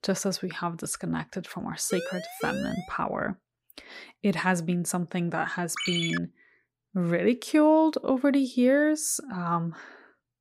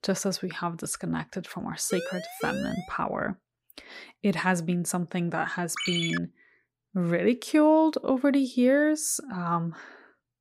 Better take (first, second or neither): neither